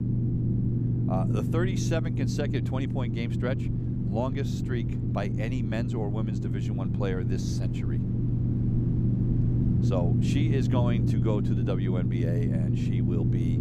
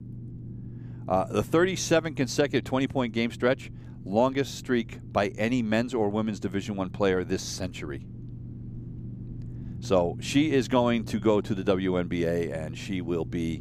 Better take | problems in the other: second | low rumble; loud; throughout; 1 dB below the speech; faint in the second

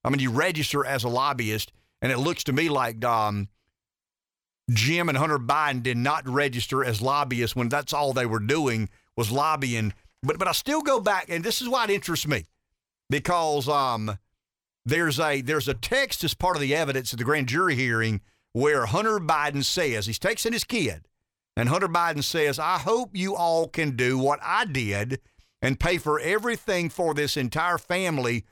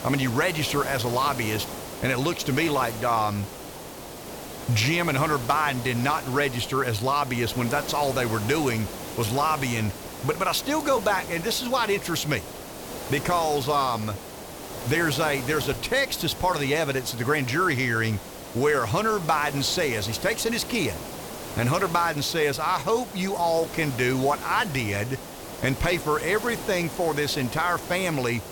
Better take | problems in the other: first | hiss; noticeable; throughout; 10 dB below the speech

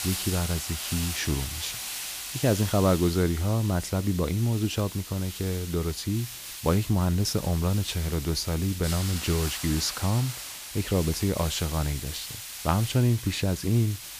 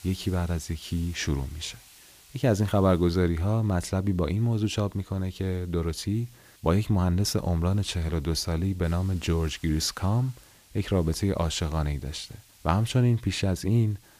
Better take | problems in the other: second | hiss; loud; throughout; 8 dB below the speech; faint in the second

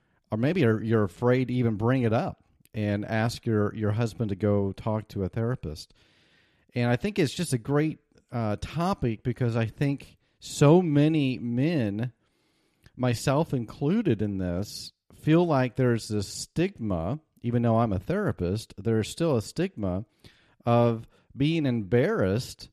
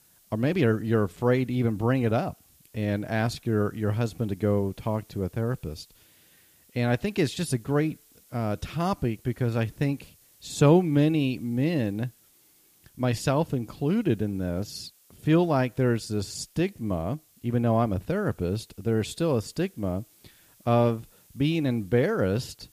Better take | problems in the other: first | hiss; faint; throughout; 30 dB below the speech

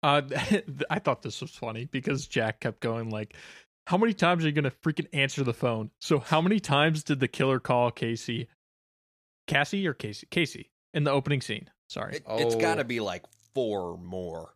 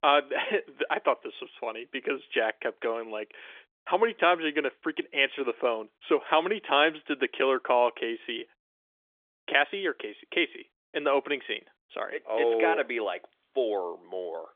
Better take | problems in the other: first | phone-call audio; nothing above 3.5 kHz

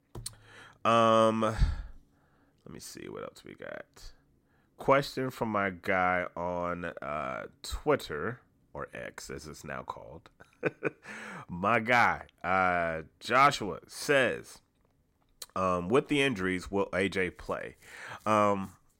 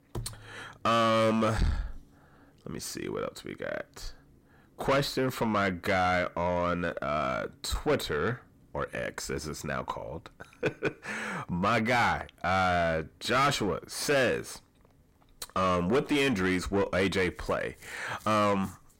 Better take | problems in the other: first | distortion; heavy; 6 dB below the speech

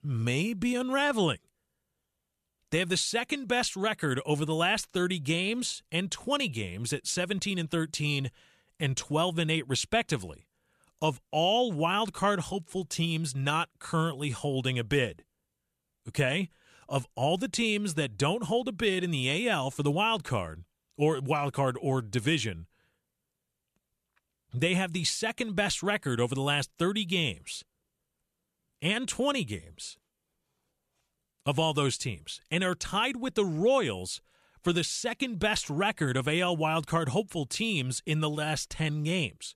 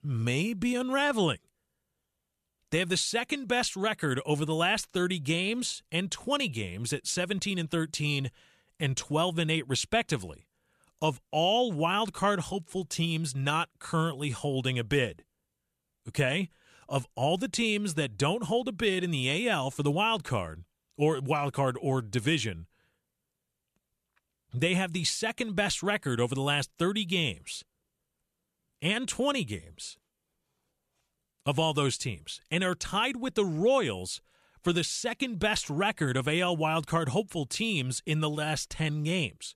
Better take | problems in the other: neither | none

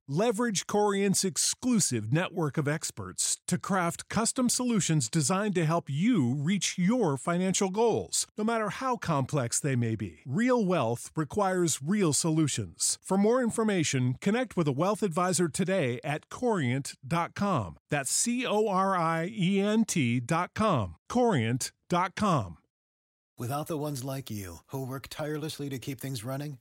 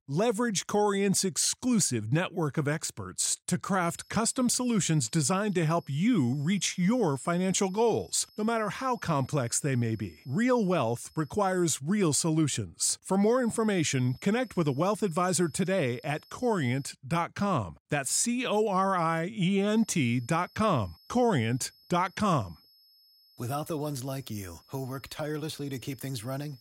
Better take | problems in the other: first | high-pitched whine; faint; from 4 to 12 s, from 13 to 17 s and from 20 s on; 5 kHz, 30 dB below the speech

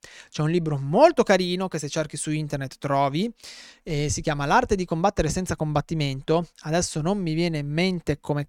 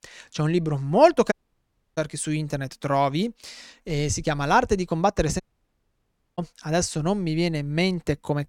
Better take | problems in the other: first | audio cutting out; at 1.5 s for 0.5 s and at 5.5 s for 1 s

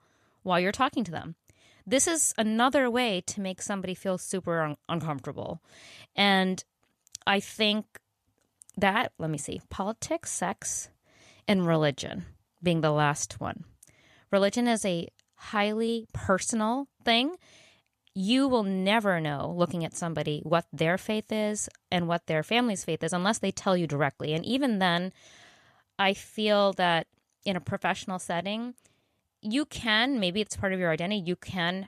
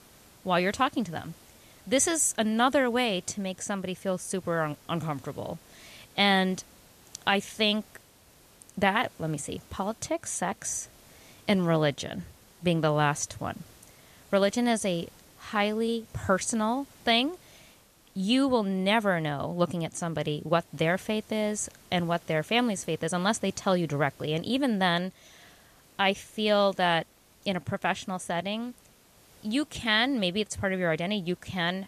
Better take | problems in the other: first | hiss; faint; throughout; 25 dB below the speech

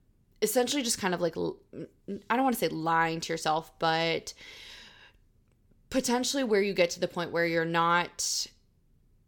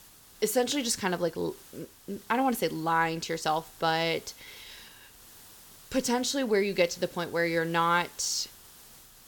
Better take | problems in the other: first | hiss; faint; throughout; 20 dB below the speech

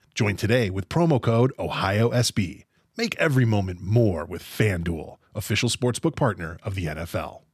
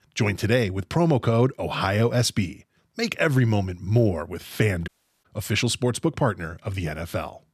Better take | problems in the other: first | audio cutting out; at 5 s

